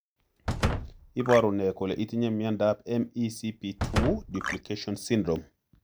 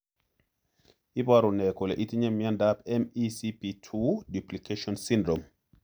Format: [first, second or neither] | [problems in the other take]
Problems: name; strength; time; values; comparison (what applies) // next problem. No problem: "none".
second | background sound (Slam + Marimba, xylophone); 5 dB below the speech